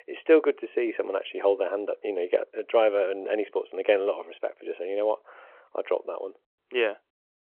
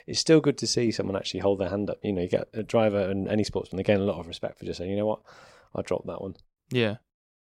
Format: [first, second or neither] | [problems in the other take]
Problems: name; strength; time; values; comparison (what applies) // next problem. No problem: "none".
second | phone-call audio